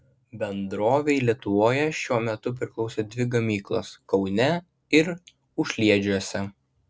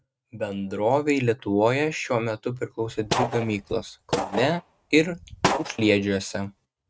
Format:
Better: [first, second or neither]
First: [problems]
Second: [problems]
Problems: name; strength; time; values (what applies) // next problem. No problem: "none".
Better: first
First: none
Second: noise reduction (neural mask model RNNoise)